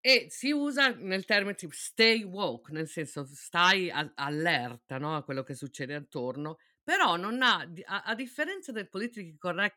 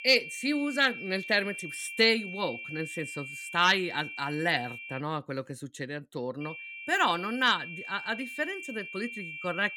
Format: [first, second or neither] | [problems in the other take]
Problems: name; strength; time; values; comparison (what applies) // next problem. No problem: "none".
first | high-pitched whine; loud; until 5 s and from 6.5 s on; 2.5 kHz, 9 dB below the speech